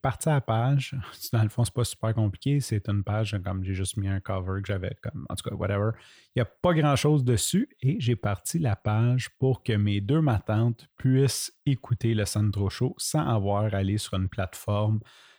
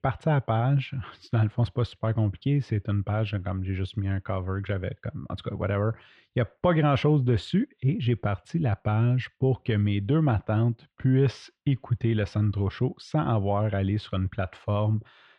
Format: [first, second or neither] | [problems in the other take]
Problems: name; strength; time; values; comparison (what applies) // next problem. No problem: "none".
first | muffled; slightly; fading above 3 kHz